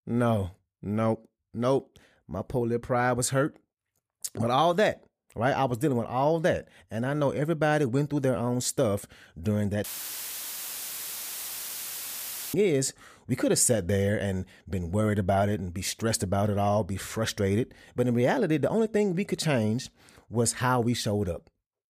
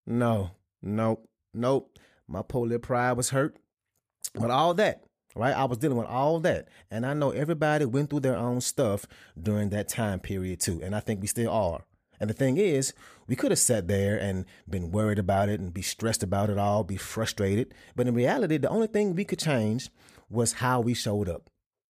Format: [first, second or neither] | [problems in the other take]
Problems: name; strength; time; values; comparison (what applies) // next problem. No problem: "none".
second | audio cutting out; filled with static; at 10 s for 2.5 s